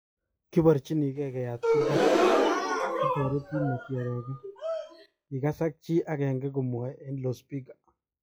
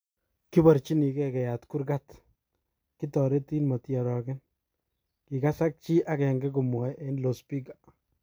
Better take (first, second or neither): second